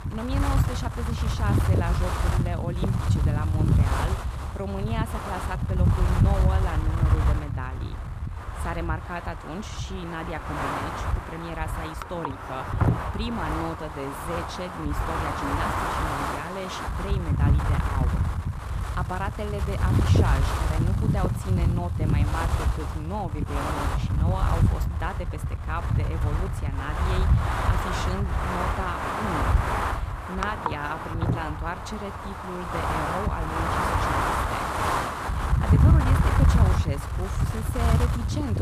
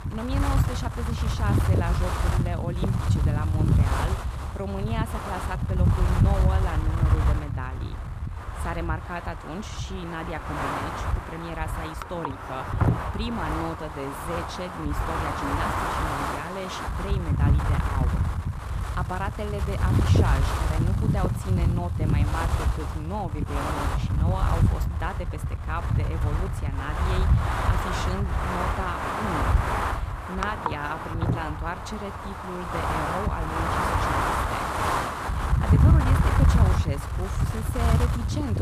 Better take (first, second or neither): neither